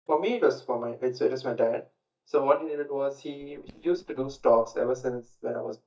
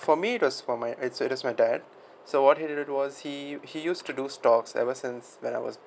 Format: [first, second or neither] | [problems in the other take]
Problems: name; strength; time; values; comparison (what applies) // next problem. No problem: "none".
second | noise reduction (neural mask model DeepFilterNet 3)